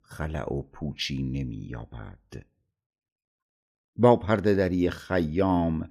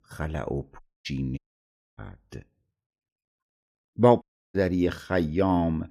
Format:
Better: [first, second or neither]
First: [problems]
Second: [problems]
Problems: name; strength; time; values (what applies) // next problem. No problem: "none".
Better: first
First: none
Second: audio cutting out; at 1 s, at 1.5 s for 0.5 s and at 4 s